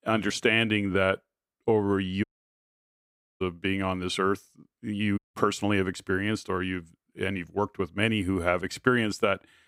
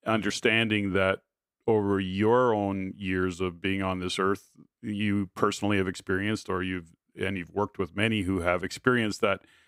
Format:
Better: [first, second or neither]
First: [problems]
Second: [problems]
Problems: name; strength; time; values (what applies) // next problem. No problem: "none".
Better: second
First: audio cutting out; at 2 s for 1 s and at 5 s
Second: none